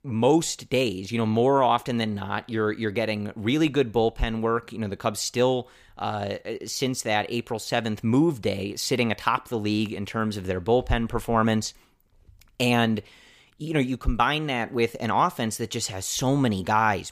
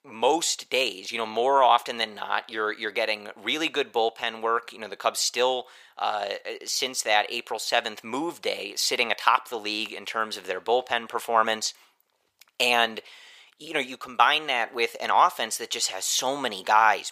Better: first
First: none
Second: thin; very; fading below 700 Hz

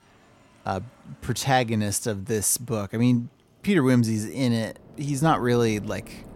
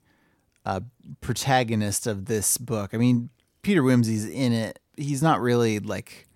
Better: second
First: train or aircraft noise; faint; throughout; 25 dB below the speech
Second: none

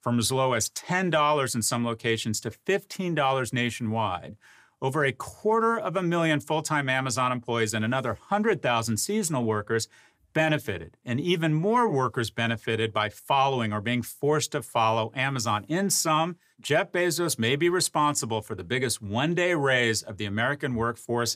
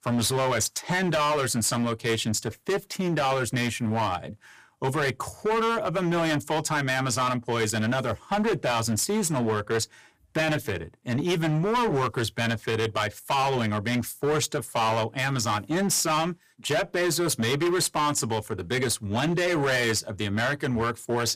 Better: first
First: none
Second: distortion; heavy; 17% of the sound clipped

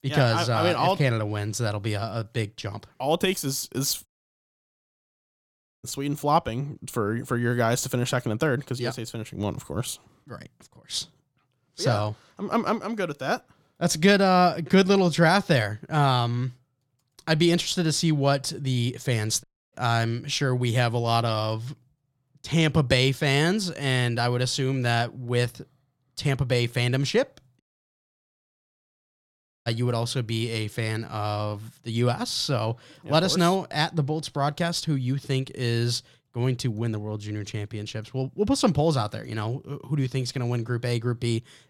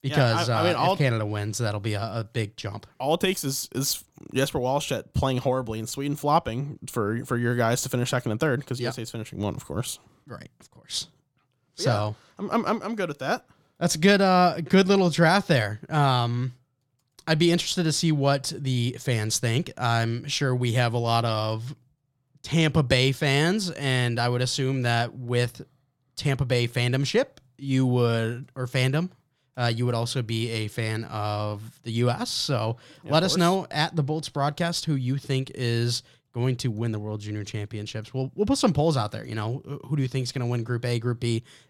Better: second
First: audio cutting out; at 4 s for 2 s, at 19 s and at 28 s for 2 s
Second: none

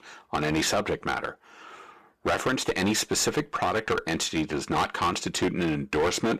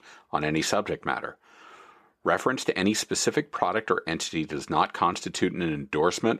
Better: second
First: distortion; heavy; 11% of the sound clipped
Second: none

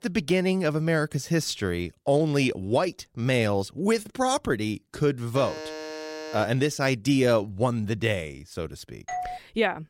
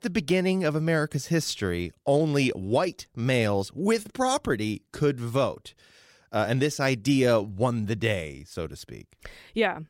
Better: second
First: alarm; faint; from 5.5 to 6.5 s; peak 10 dB below the speech // doorbell; noticeable; at 9 s; peak 7 dB below the speech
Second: none

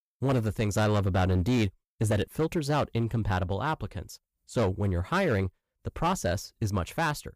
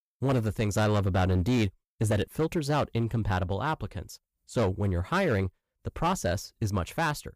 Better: neither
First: distortion; slight; 8% of the sound clipped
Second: distortion; slight; 8% of the sound clipped

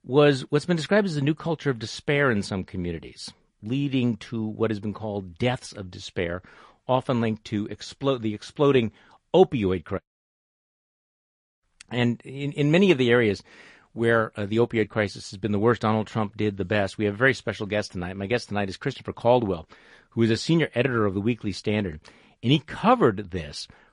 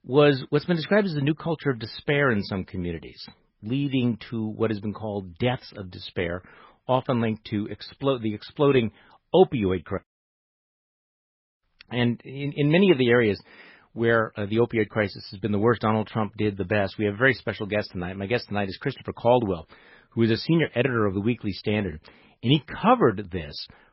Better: first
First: garbled, watery; slightly; nothing above 10.5 kHz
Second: garbled, watery; badly; nothing above 5.5 kHz

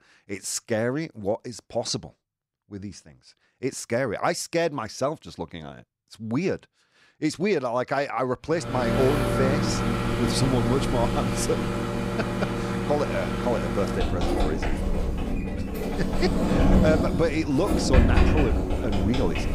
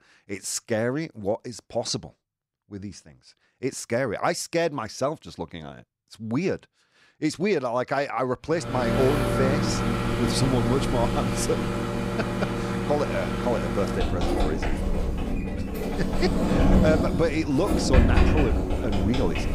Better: neither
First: household noises; very loud; from 8.5 s on; 2 dB above the speech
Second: household noises; very loud; from 8.5 s on; 2 dB above the speech

